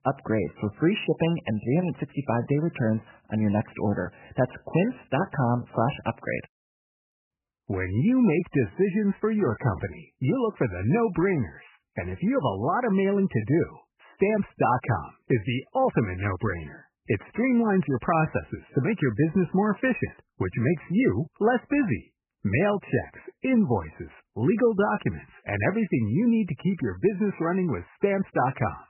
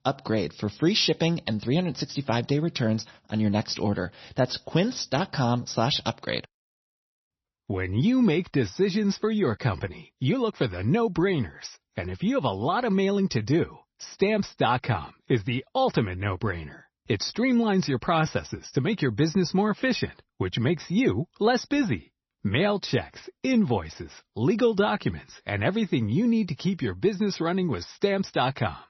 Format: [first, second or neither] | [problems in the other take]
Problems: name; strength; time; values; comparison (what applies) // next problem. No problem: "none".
second | garbled, watery; badly; nothing above 3 kHz; slightly in the second